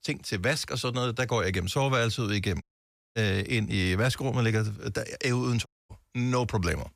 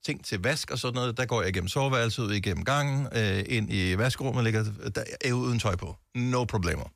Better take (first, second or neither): second